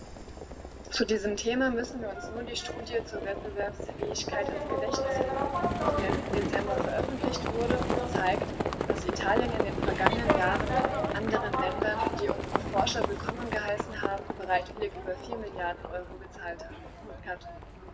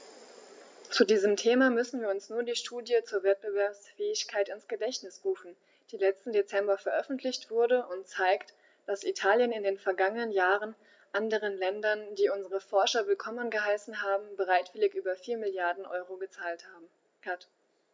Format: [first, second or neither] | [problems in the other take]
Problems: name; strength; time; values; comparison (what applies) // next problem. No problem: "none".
second | background sound (Livestock, farm animals, working animals); 2 dB above the speech // room echo; dies away in 2.4 s